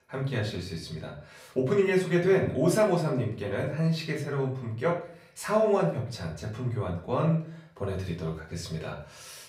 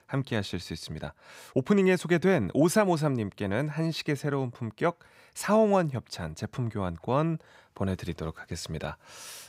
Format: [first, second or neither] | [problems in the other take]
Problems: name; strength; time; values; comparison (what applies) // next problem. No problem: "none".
second | room echo; slight; dies away in 0.4 s // off-mic speech; far